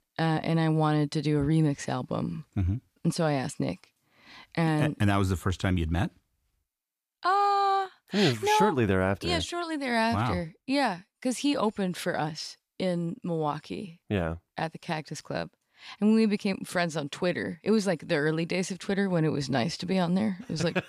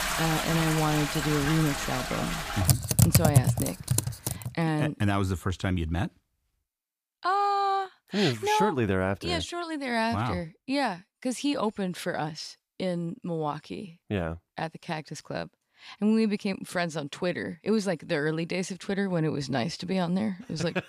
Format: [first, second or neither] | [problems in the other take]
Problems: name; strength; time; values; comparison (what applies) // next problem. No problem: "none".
first | household noises; very loud; until 4.5 s; 2 dB above the speech